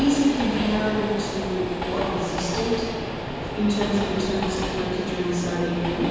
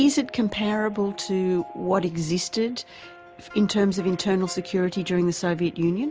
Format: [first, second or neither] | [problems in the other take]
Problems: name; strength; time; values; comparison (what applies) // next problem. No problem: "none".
second | background sound (Train); 4 dB below the speech // room echo; dies away in 1.9 s